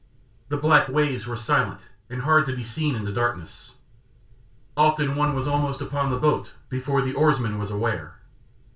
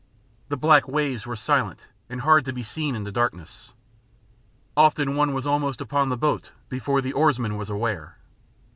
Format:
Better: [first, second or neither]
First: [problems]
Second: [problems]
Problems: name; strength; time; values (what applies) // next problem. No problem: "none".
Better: second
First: background sound (Wind); 13 dB below the speech // room echo; dies away in 0.3 s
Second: none